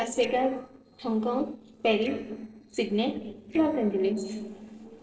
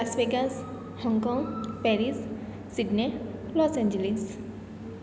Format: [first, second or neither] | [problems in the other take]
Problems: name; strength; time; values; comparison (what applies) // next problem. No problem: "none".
second | noise reduction (neural separator model SepFormer DNS4)